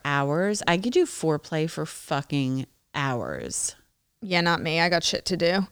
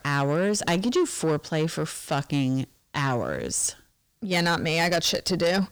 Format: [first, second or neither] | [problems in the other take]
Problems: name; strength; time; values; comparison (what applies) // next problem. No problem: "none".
first | distortion; slight; 10 dB below the speech